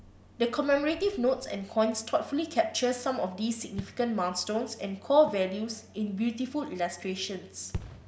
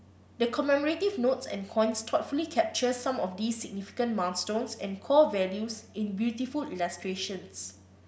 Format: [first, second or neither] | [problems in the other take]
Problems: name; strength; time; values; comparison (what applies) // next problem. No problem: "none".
second | background sound (Fireworks); 19 dB below the speech